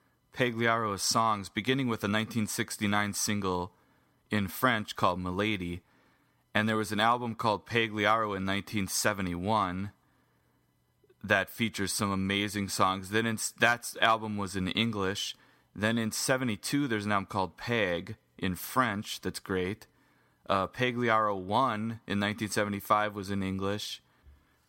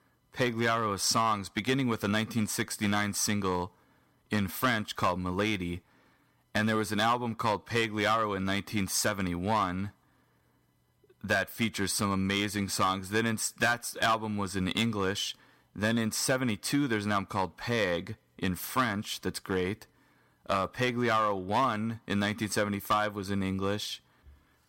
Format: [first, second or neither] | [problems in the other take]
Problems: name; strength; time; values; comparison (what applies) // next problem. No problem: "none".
first | distortion; slight; 2% of the sound clipped